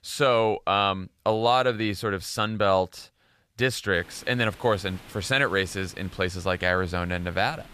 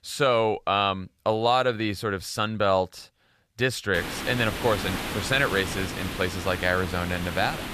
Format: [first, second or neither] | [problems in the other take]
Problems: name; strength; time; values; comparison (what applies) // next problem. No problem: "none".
first | hiss; loud; from 4 s on; 7 dB below the speech; faint in the first